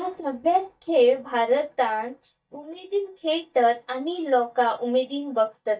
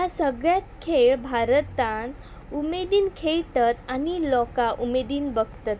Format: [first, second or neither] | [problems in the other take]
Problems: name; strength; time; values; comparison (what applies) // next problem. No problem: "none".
second | noise reduction (neural mask model DeepFilterNet 3)